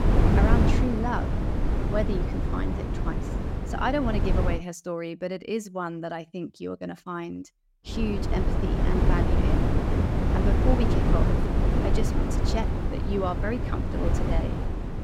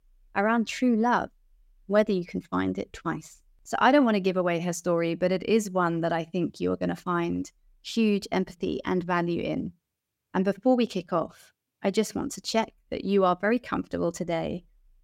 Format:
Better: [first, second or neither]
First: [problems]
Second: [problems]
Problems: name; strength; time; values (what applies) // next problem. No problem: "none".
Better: second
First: wind noise on the microphone; heavy; until 4.5 s and from 8 s on; as loud as the speech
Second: none